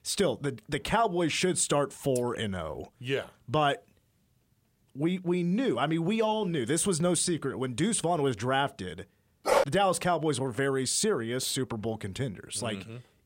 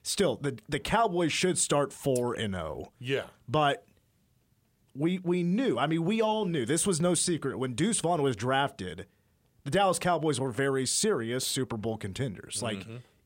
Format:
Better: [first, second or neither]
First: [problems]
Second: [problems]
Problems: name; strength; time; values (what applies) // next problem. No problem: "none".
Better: second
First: dog barking; loud; at 9.5 s; peak 3 dB above the speech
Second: none